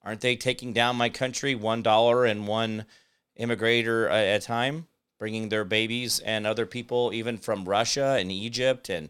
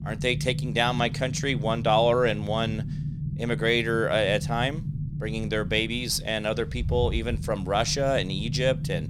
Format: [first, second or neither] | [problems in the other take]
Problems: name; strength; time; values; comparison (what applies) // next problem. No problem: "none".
first | low rumble; noticeable; throughout; 15 dB below the speech